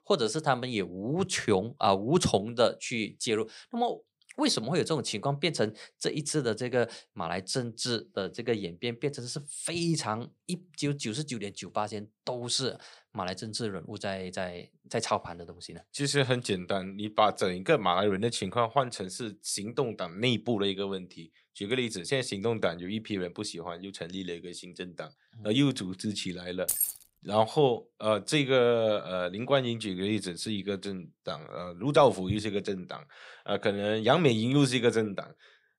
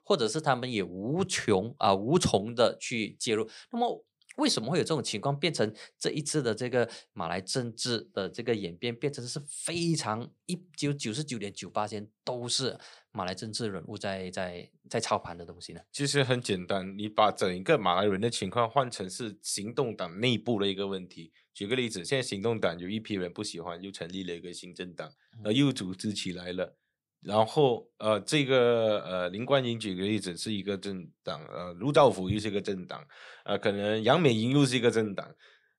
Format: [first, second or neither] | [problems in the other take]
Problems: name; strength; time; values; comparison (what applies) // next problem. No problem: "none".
second | jangling keys; loud; at 27 s; peak 2 dB above the speech